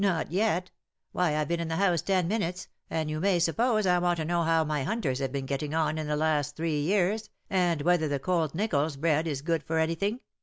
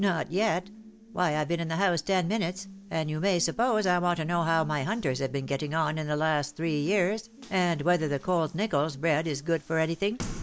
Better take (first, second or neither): first